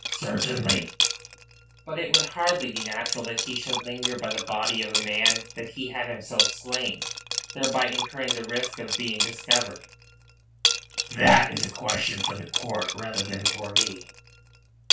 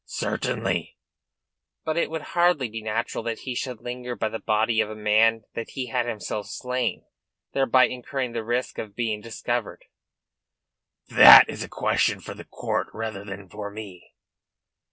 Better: second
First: background sound (Liquid); as loud as the speech // room echo; dies away in 0.2 s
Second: none

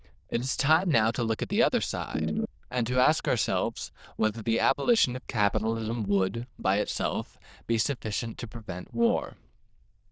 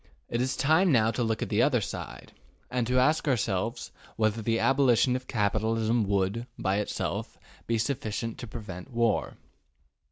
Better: second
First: noise reduction (neural diffusion model UNIVERSE++)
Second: none

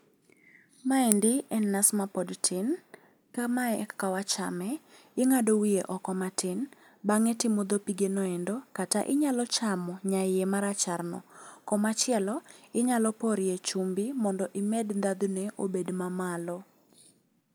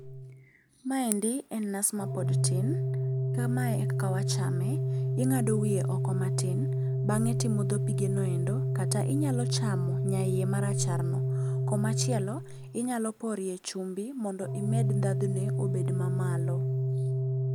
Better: first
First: none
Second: background sound (Organ); 4 dB above the speech

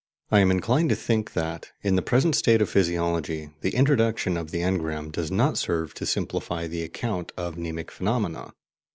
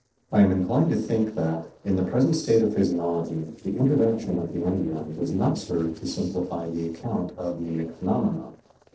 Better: first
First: none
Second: noise reduction (neural separator model SepFormer DNS4)

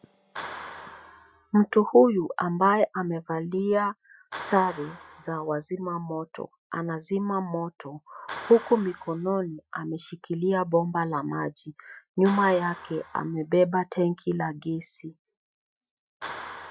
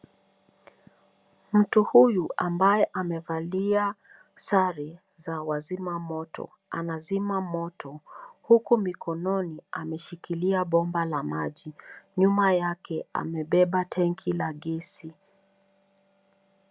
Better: second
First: noise reduction (classical method Wiener filter)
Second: none

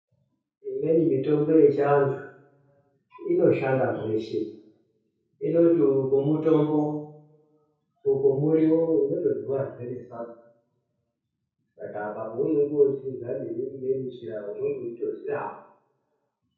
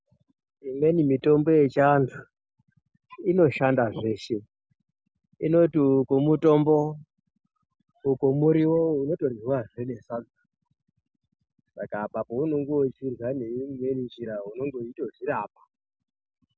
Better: second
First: room echo; dies away in 0.6 s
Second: none

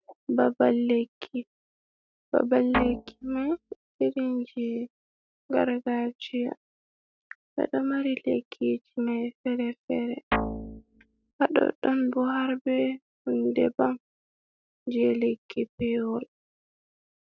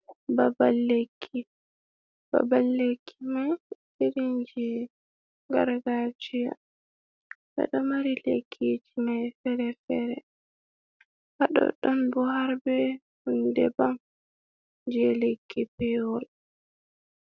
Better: second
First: noise reduction (neural mask model RNNoise)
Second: none

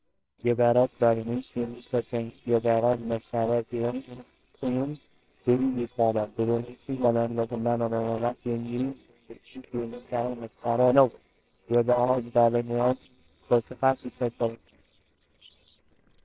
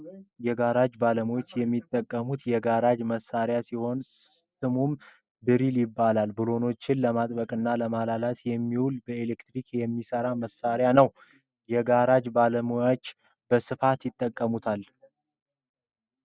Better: second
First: noise reduction (neural separator model SepFormer WHAMR!)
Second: none

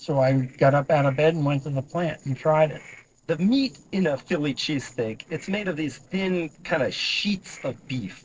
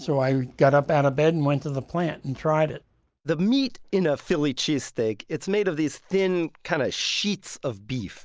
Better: second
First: noise reduction (neural separator model SepFormer DNS4)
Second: none

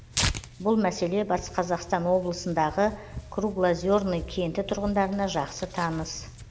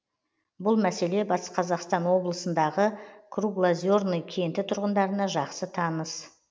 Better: second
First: background sound (Tearing); 10 dB below the speech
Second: none

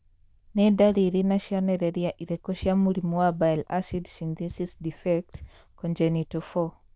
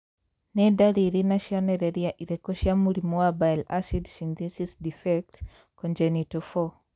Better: second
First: noise reduction (neural diffusion model UNIVERSE++)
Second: none

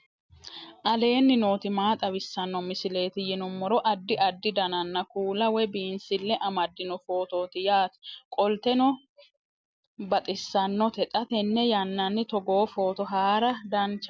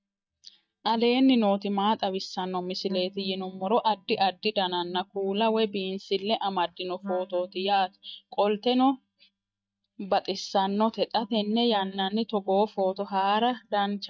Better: first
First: none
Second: noise reduction (neural mask model DeepFilterNet 3)

